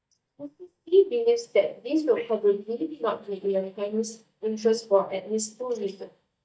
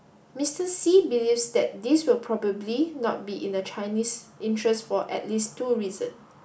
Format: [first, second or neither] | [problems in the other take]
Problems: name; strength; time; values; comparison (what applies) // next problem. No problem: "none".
second | noise reduction (neural mask model DeepFilterNet 3)